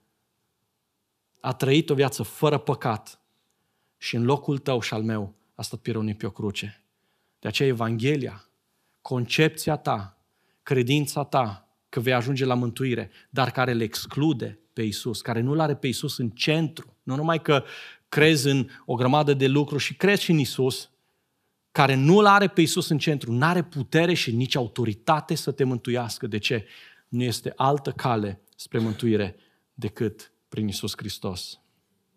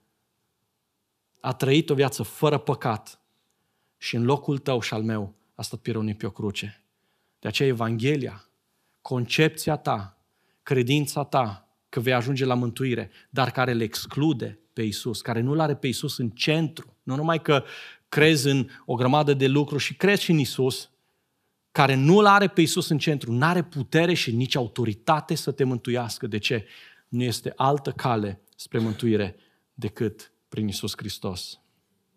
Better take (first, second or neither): neither